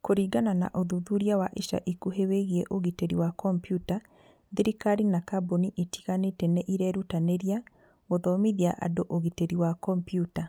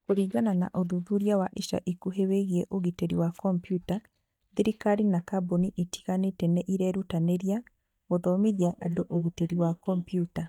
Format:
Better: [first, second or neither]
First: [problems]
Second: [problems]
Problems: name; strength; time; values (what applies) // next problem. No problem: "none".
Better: first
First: none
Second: noise reduction (neural mask model DeepFilterNet 3)